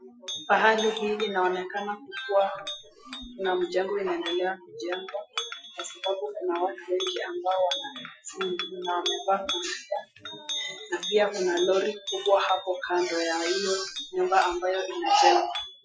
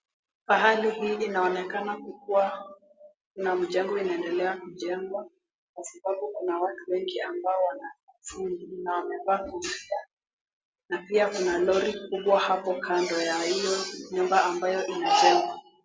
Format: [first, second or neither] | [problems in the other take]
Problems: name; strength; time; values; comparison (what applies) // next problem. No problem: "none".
second | noise reduction (classical method Wiener filter)